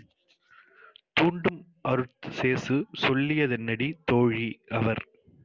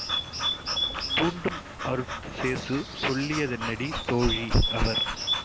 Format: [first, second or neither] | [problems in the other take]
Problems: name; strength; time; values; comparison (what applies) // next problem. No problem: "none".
first | background sound (Bird + Dog / Breathing); 1 dB above the speech